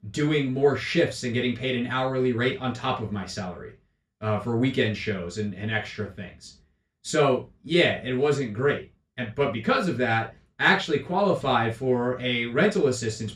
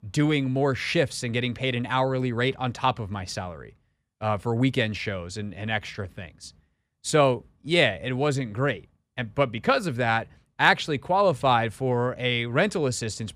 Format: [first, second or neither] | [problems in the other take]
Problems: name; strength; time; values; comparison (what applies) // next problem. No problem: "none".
second | room echo; slight; dies away in 0.3 s // off-mic speech; far